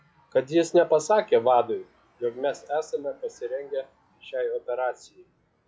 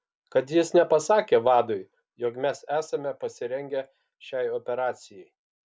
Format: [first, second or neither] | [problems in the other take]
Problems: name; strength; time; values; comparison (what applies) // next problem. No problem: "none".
second | noise reduction (classical method log-MMSE)